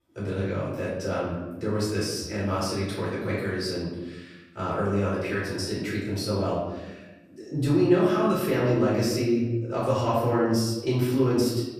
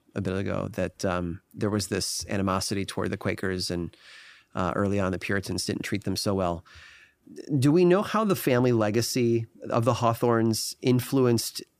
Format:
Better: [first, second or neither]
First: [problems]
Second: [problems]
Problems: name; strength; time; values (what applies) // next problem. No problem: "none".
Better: second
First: room echo; noticeable; dies away in 1 s // off-mic speech; far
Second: none